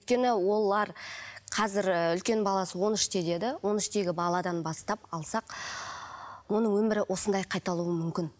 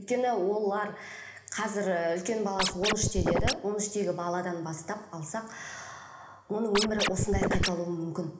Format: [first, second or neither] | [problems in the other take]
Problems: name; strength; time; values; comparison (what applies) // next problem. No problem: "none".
first | background sound (Scratching (performance technique)); 2 dB above the speech // room echo; dies away in 1 s